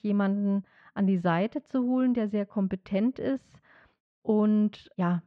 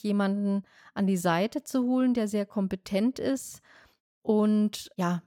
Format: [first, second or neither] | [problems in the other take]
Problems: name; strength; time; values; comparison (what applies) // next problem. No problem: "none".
second | muffled; very; fading above 3 kHz